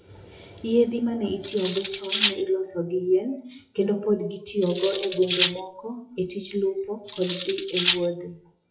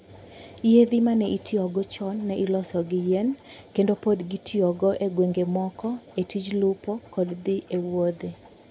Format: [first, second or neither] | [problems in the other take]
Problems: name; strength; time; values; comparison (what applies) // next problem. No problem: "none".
second | noise reduction (classical method WPE with log-MMSE)